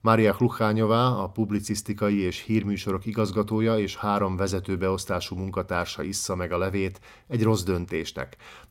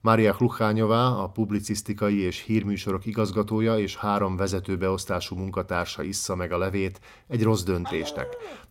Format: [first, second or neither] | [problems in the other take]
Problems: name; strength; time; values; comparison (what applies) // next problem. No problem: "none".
first | dog barking; noticeable; at 8 s; peak 9 dB below the speech